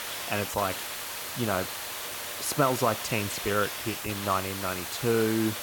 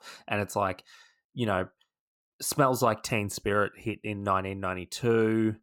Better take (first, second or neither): second